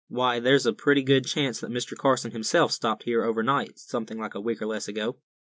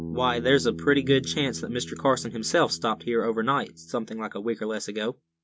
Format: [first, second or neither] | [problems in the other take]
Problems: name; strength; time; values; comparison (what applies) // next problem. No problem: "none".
first | background sound (Bass guitar); 14 dB below the speech